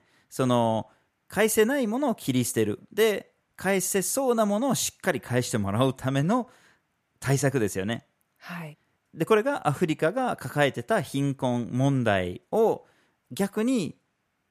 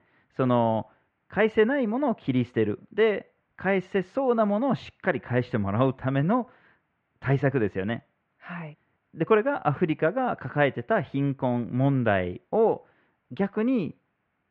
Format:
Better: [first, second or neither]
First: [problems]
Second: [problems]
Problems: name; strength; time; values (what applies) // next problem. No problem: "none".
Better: first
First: none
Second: muffled; very; fading above 2.5 kHz